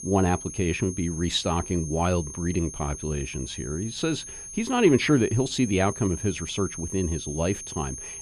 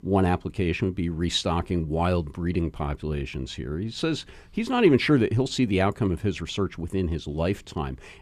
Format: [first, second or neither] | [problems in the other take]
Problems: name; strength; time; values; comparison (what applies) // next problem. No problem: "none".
second | high-pitched whine; loud; throughout; 6.5 kHz, 10 dB below the speech